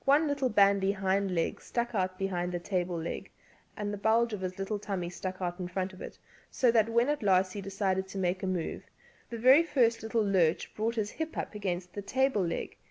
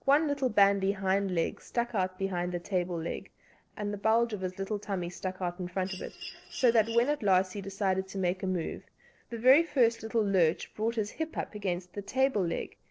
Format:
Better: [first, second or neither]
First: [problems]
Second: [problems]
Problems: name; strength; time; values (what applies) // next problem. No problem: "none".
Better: first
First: none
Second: noise reduction (neural separator model SepFormer DNS4)